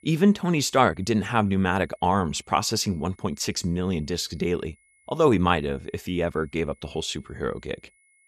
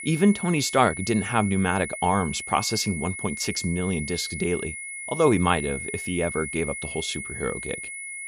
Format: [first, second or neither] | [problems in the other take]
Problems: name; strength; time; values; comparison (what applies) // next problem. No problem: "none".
first | high-pitched whine; loud; throughout; 2 kHz, 7 dB below the speech; faint in the first